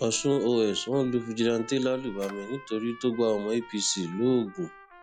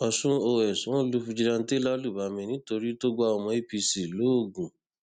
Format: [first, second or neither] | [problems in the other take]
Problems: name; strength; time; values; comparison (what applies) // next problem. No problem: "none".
second | noise reduction (classical method log-MMSE)